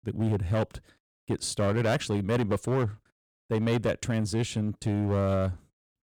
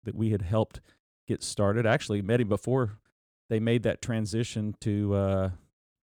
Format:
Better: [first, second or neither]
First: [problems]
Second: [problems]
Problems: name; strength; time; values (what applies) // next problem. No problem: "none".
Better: second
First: distortion; slight; 9% of the sound clipped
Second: none